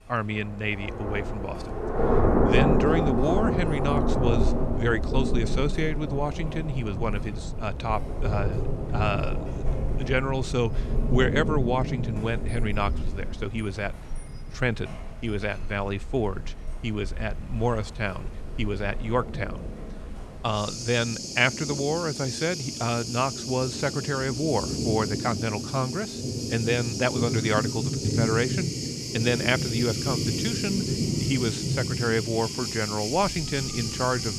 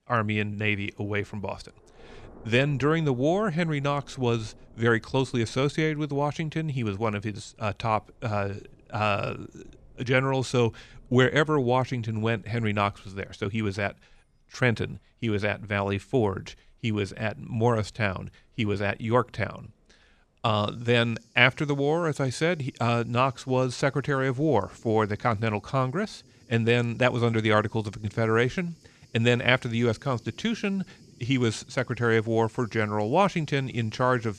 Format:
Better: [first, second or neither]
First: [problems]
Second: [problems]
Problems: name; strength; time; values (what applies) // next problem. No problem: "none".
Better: second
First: rain or running water; loud; throughout; 1 dB below the speech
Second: rain or running water; faint; throughout; 30 dB below the speech